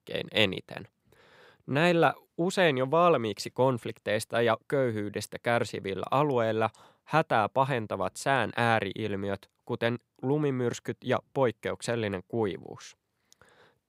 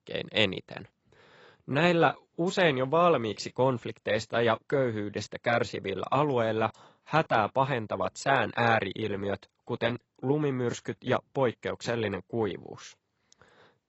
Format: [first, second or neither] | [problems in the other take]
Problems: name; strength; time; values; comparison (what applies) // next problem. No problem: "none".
first | garbled, watery; badly; nothing above 8 kHz